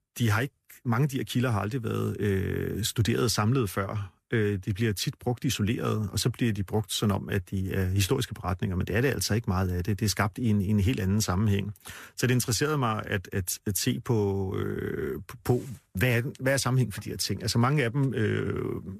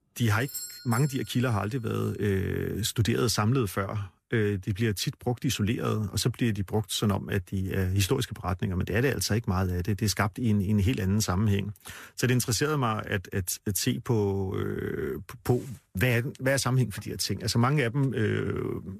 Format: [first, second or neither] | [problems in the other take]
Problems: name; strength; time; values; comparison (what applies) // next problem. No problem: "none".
first | doorbell; noticeable; at 0.5 s; peak 8 dB below the speech